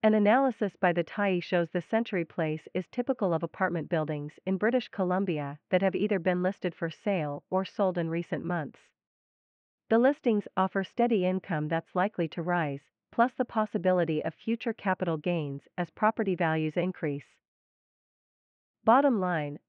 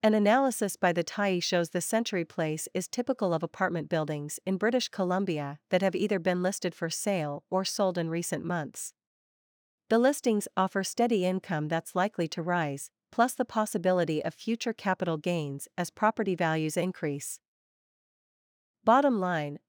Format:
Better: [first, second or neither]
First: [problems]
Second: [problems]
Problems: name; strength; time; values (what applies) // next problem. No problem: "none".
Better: second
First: muffled; very; fading above 2.5 kHz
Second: none